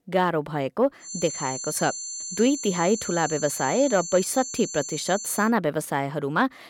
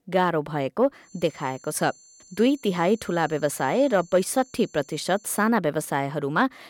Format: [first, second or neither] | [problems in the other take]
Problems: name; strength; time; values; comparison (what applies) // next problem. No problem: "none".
second | high-pitched whine; loud; from 1 to 5.5 s; 7 kHz, 7 dB below the speech; faint in the second